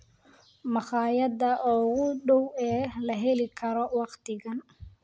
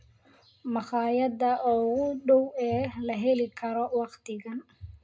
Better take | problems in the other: first | room echo; dies away in 0.2 s

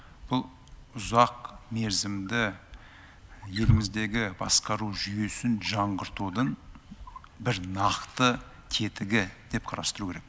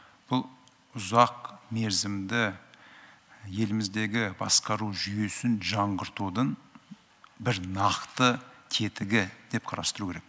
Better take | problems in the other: second | background sound (Wild animals); 8 dB below the speech

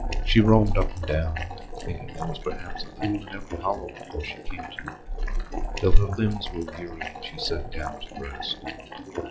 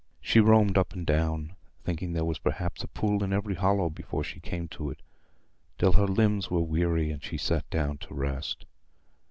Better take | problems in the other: second | noise reduction (classical method log-MMSE)

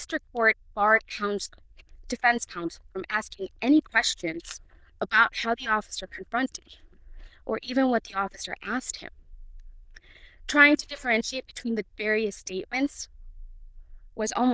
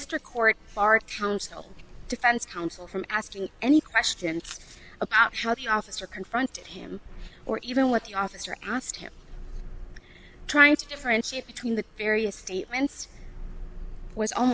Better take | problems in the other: second | noise reduction (neural diffusion model UNIVERSE++)

